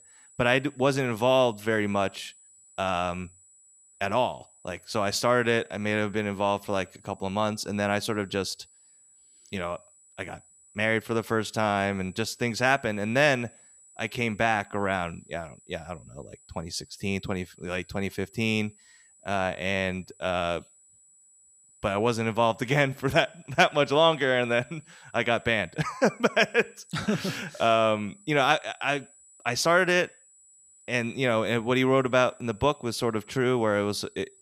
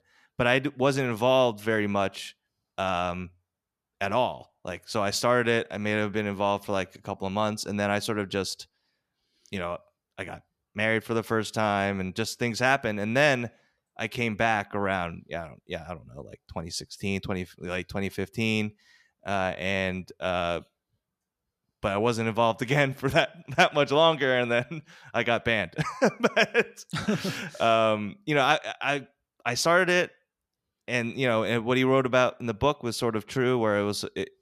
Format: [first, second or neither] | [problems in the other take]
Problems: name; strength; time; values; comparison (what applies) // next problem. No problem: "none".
second | high-pitched whine; faint; throughout; 8 kHz, 30 dB below the speech